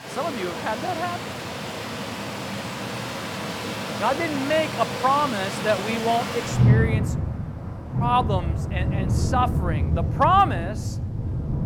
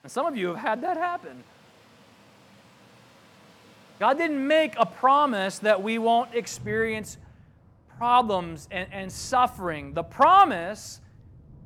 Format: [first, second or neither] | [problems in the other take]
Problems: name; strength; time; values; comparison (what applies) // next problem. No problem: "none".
second | rain or running water; loud; throughout; 2 dB below the speech; faint in the second